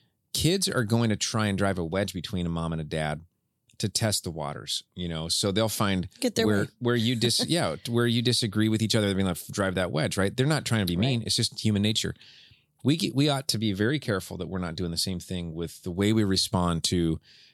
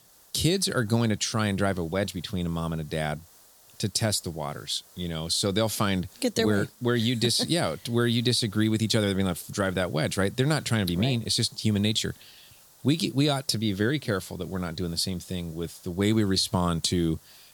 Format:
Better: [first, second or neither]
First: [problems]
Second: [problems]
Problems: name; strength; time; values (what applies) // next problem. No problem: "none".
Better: first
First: none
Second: hiss; faint; throughout; 25 dB below the speech